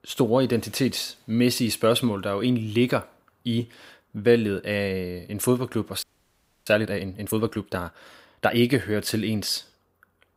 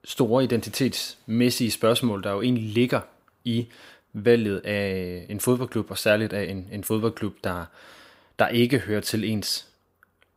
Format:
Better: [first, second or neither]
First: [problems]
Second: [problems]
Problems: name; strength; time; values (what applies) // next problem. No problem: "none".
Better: second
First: audio freezing; at 6 s for 0.5 s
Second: none